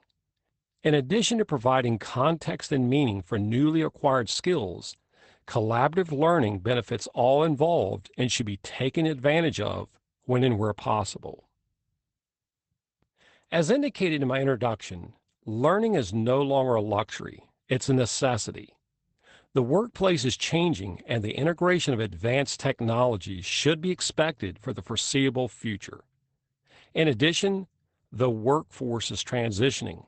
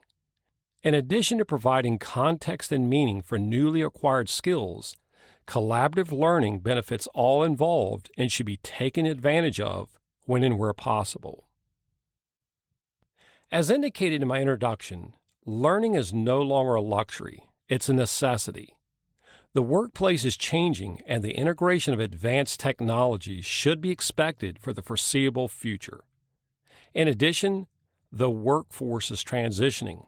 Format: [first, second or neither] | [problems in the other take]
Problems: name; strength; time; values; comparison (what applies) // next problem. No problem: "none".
second | garbled, watery; badly; nothing above 8 kHz; slightly in the second